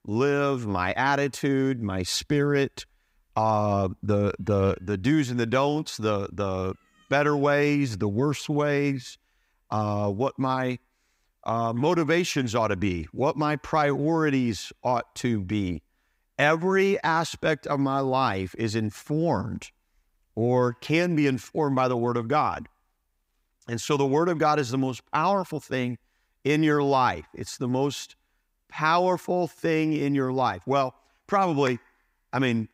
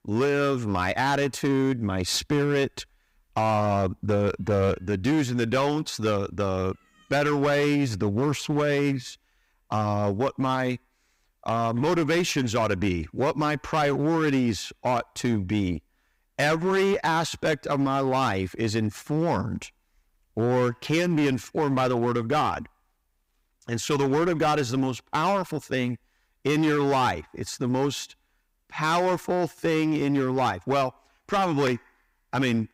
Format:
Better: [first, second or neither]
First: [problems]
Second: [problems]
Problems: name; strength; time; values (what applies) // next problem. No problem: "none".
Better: first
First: none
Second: distortion; slight; 12% of the sound clipped